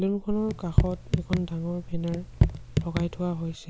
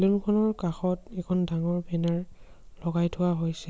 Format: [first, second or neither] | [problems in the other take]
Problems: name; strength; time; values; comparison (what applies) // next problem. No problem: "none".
second | background sound (Raindrop / Drip); 2 dB above the speech